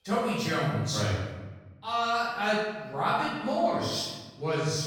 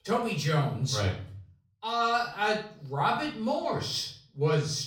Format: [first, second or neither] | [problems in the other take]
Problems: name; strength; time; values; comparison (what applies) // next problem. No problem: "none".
second | room echo; strong; dies away in 1.1 s; slight in the second // off-mic speech; far; far in the second